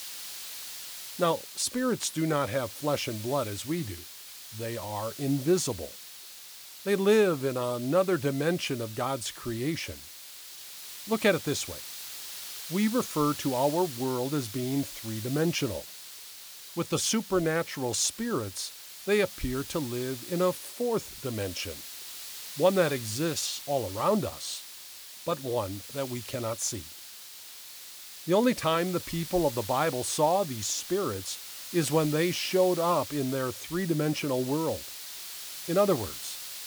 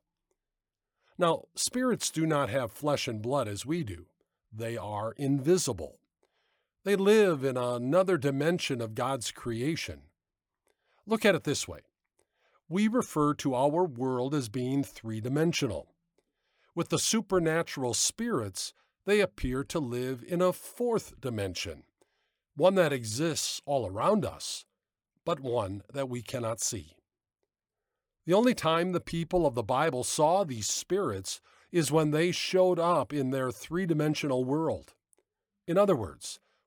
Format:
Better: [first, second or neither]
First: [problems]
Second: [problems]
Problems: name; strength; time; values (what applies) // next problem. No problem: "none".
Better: second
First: hiss; noticeable; throughout; 10 dB below the speech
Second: none